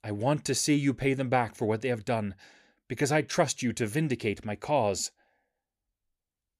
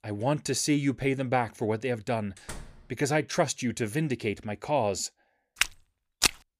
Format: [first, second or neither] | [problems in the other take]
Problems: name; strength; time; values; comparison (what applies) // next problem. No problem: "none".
first | door banging; faint; at 2.5 s; peak 15 dB below the speech // footsteps; loud; at 5.5 s; peak 3 dB above the speech